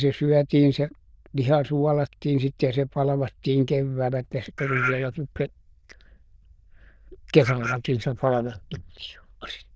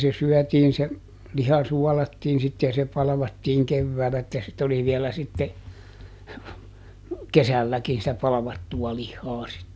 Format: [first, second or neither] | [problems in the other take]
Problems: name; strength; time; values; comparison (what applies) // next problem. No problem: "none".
second | noise reduction (neural diffusion model UNIVERSE++)